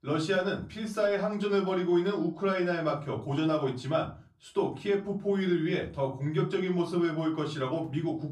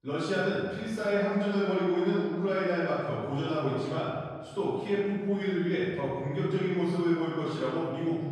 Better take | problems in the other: first | room echo; strong; dies away in 1.5 s; slight in the first // off-mic speech; far; far in the first

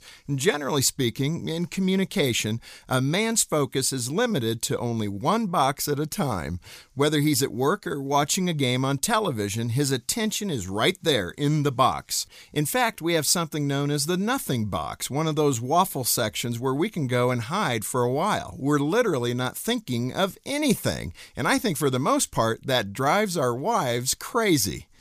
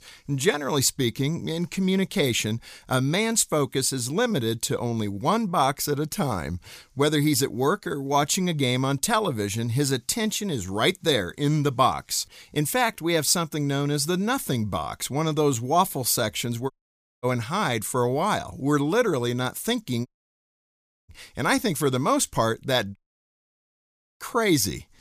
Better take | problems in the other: first | audio cutting out; at 17 s for 0.5 s, at 20 s for 1 s and at 23 s for 1 s

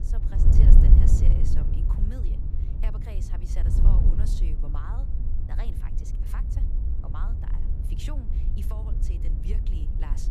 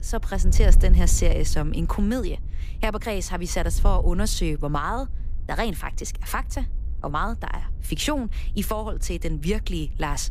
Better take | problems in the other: second | wind noise on the microphone; heavy; 3 dB above the speech; occasional gusts in the second

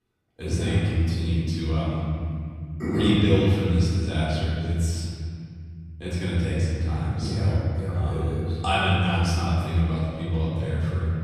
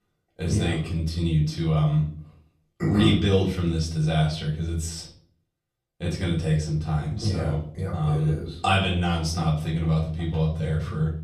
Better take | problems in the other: second | room echo; strong; dies away in 2.6 s; slight in the second // off-mic speech; far; far in the second

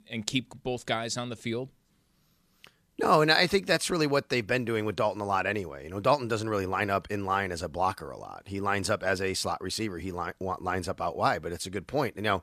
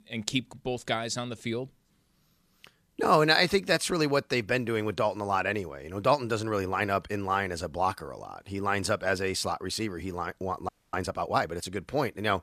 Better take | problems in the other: first | audio freezing; at 11 s

